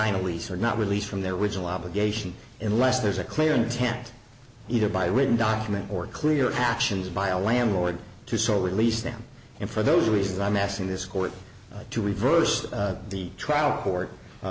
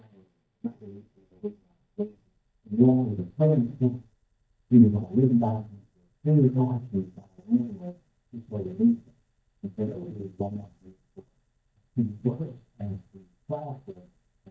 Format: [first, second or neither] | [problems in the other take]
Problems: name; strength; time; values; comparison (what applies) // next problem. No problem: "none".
first | noise reduction (neural mask model DeepFilterNet 3)